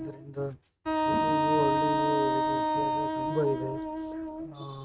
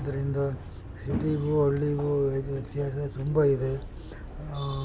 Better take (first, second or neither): second